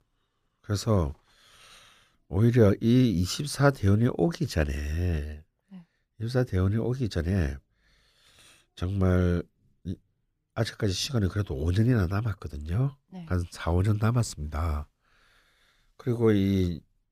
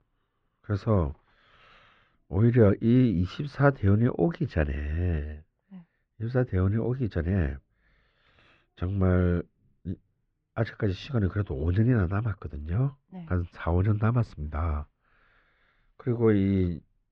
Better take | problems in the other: first | muffled; very; fading above 2.5 kHz

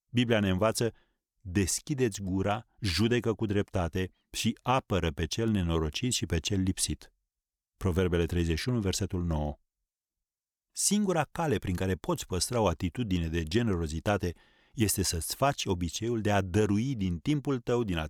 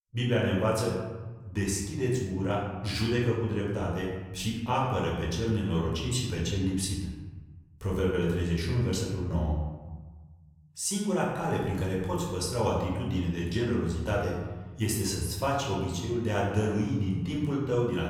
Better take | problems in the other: first | off-mic speech; far // room echo; noticeable; dies away in 1.2 s

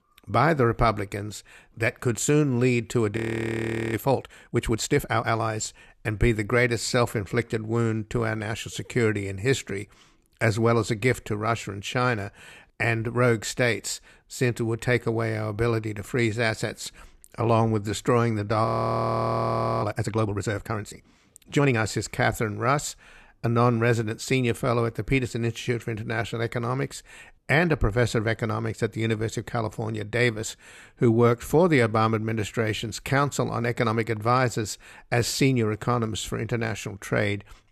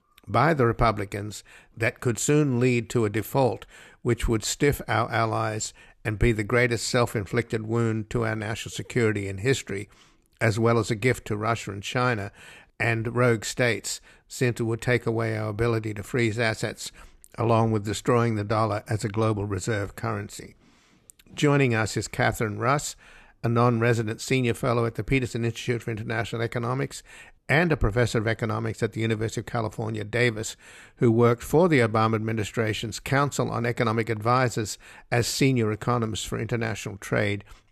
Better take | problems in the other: second | audio freezing; at 3 s for 1 s and at 19 s for 1 s

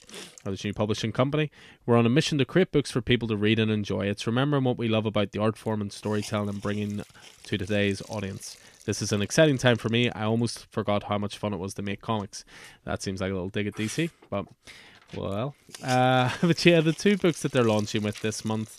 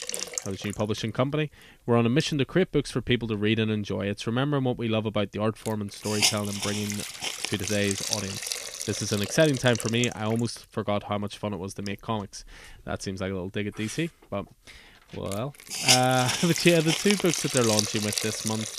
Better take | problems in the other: first | hiss; loud; throughout; 1 dB below the speech; faint in the first

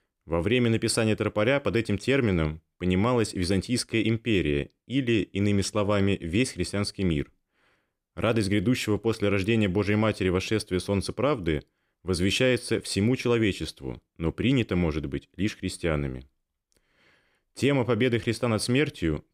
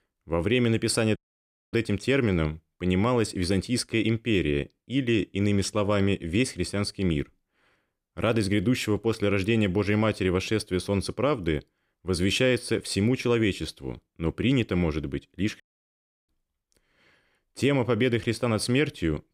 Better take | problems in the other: first | audio cutting out; at 1 s for 0.5 s and at 16 s for 0.5 s

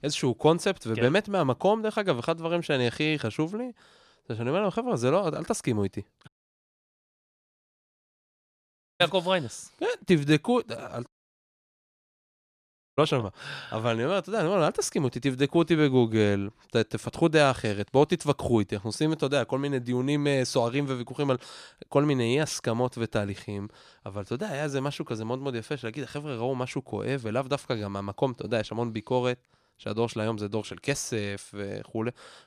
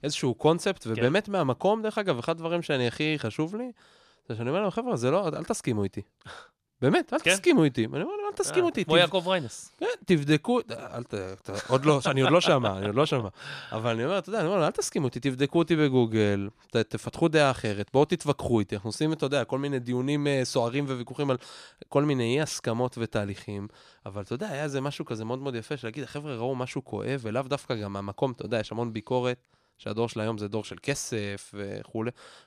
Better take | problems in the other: second | audio cutting out; at 6.5 s for 2.5 s and at 11 s for 2 s

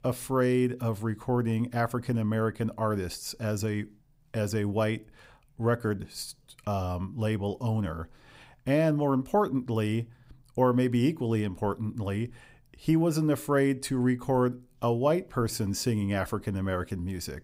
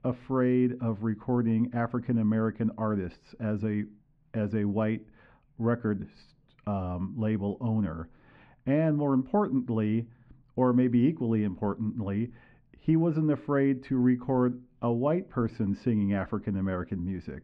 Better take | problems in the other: first | muffled; very; fading above 2.5 kHz

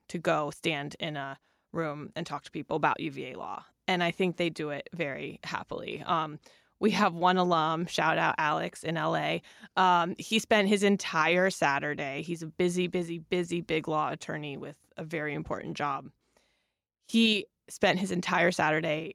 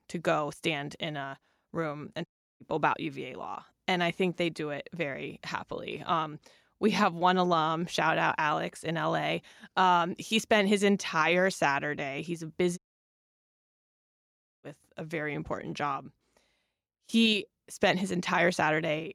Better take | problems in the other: first | audio cutting out; at 2.5 s and at 13 s for 2 s

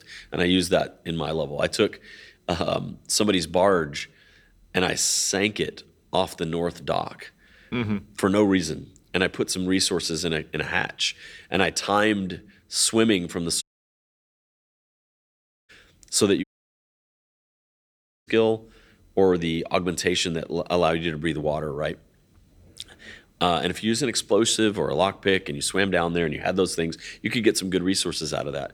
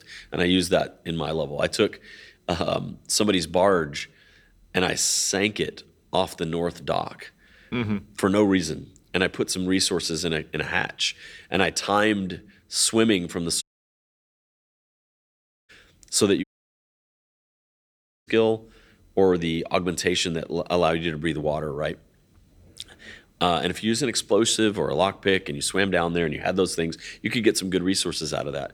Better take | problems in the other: neither | audio cutting out; at 14 s for 2 s and at 16 s for 2 s; the same in both

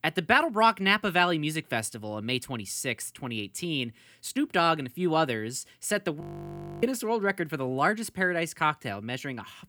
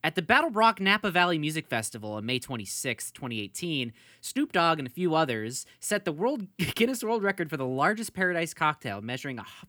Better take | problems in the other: second | audio freezing; at 6 s for 0.5 s

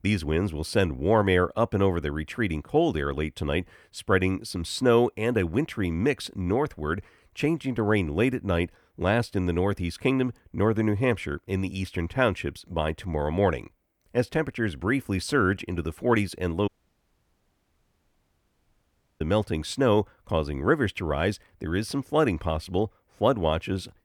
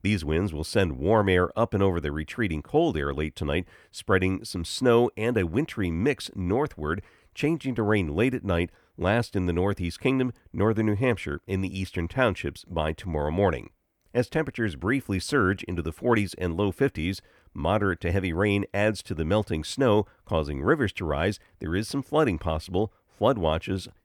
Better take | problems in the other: second | audio cutting out; at 17 s for 2.5 s

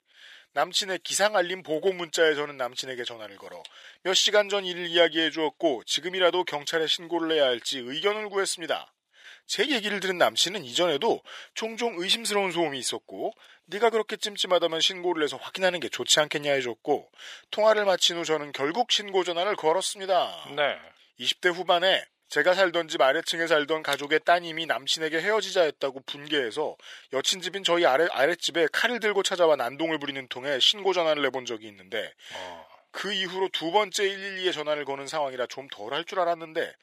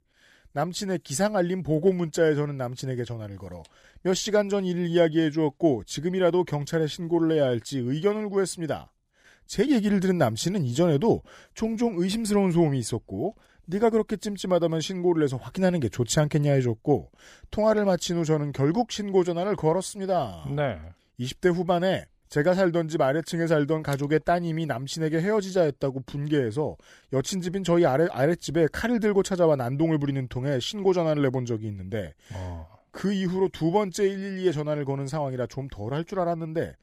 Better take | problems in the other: second | thin; very; fading below 550 Hz

